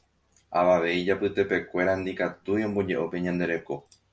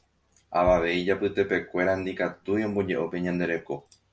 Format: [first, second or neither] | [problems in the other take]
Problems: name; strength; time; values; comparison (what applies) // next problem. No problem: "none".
first | background sound (Bass drum); 18 dB below the speech